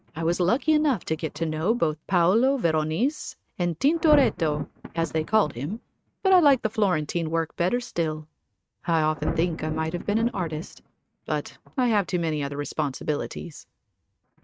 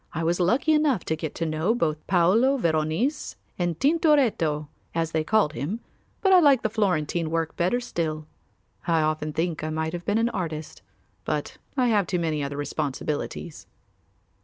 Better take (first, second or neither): second